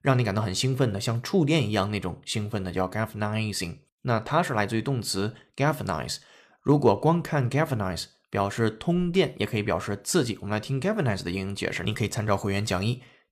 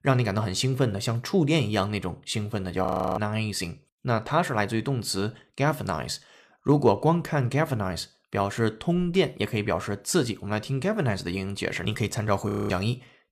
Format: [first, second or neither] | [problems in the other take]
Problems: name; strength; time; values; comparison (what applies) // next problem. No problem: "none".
first | audio freezing; at 3 s and at 12 s